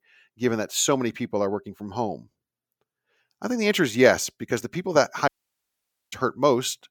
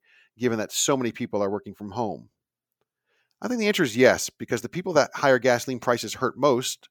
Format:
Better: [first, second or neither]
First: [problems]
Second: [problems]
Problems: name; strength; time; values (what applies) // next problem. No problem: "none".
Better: second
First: audio cutting out; at 5.5 s for 1 s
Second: none